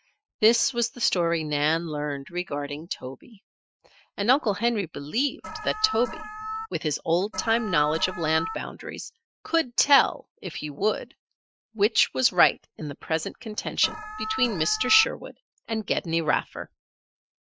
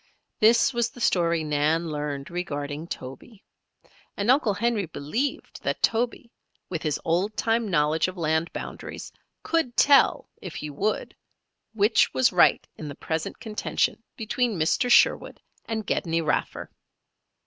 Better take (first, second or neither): second